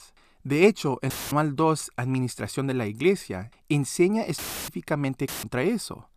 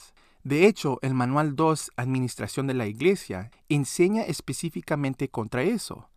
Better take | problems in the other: second | audio cutting out; filled with static; at 1 s, at 4.5 s and at 5.5 s

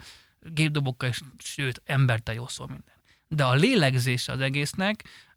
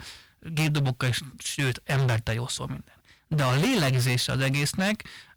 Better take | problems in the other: first | distortion; heavy; 20% of the sound clipped

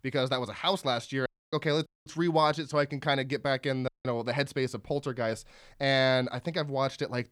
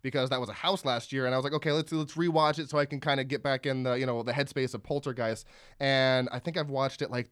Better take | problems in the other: second | audio cutting out; at 1.5 s, at 2 s and at 4 s

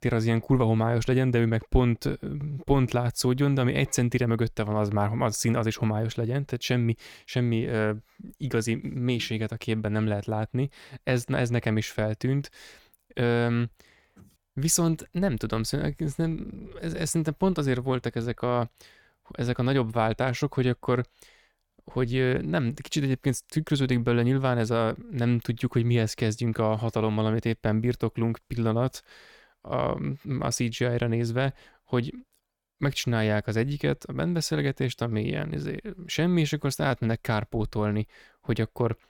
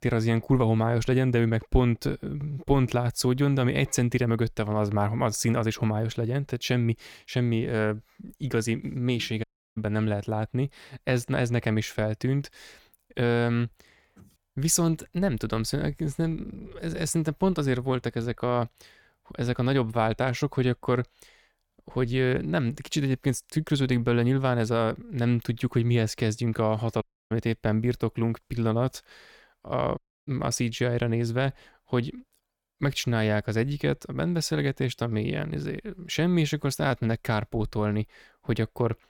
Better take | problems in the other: first | audio cutting out; at 9.5 s, at 27 s and at 30 s

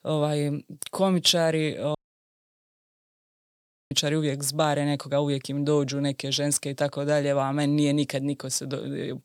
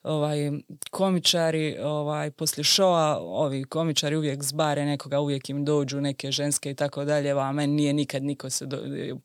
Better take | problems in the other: second | audio cutting out; at 2 s for 2 s

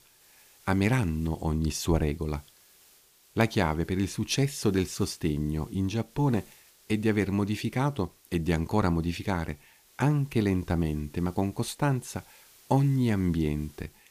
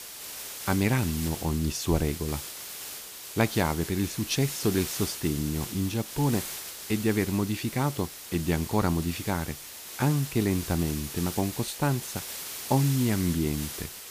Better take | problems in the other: first | hiss; loud; throughout; 8 dB below the speech; faint in the first

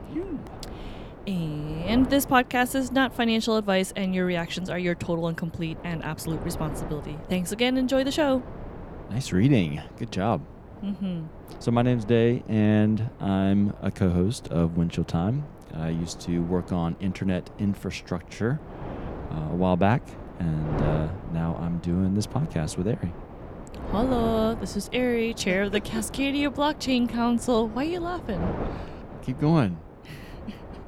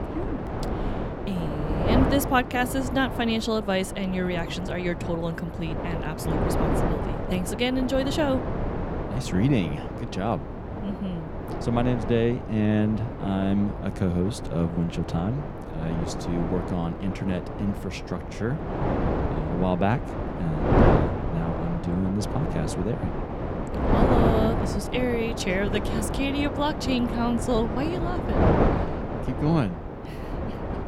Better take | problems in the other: first | wind noise on the microphone; heavy; 2 dB below the speech; occasional gusts in the first

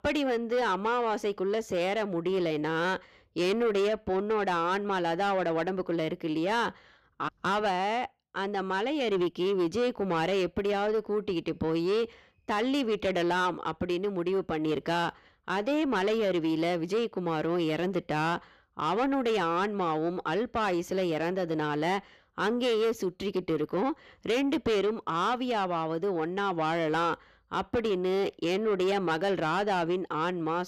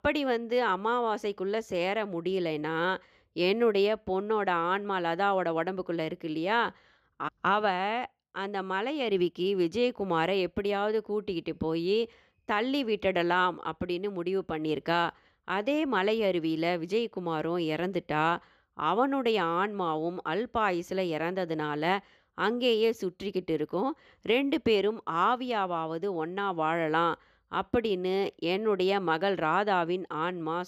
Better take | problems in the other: second | distortion; slight; 10 dB below the speech

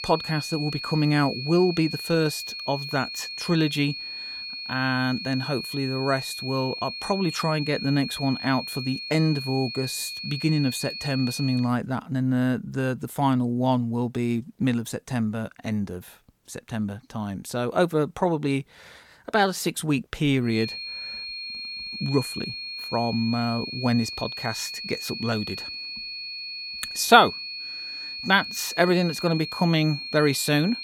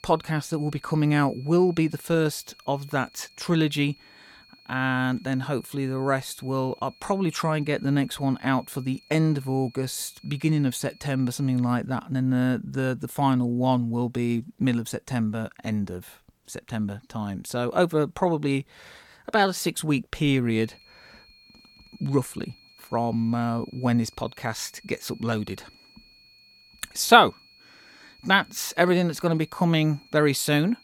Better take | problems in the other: second | high-pitched whine; loud; until 12 s and from 21 s on; 4.5 kHz, 7 dB below the speech; faint in the second

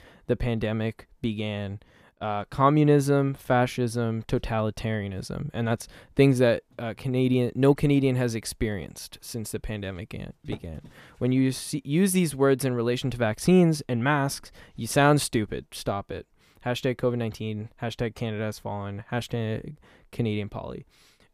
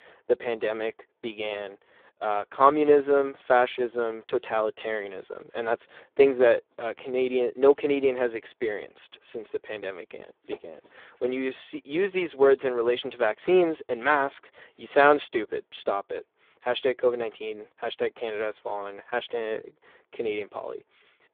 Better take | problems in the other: first | phone-call audio; poor line

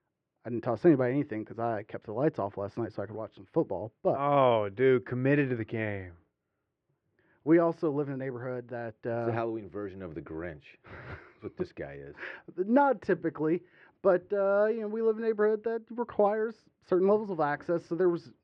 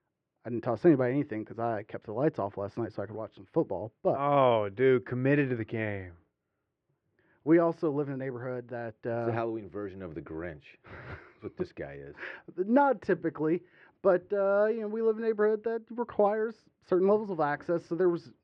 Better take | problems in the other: neither | muffled; very; fading above 2.5 kHz; the same in both

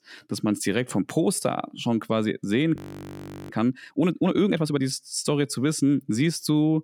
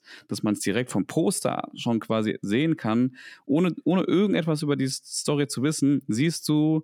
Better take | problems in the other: second | audio freezing; at 3 s for 0.5 s

